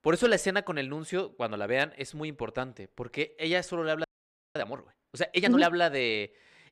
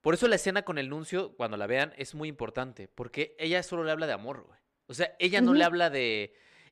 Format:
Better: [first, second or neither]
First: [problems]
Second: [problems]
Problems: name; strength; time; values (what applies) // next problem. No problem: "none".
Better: second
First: audio freezing; at 4 s for 0.5 s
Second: none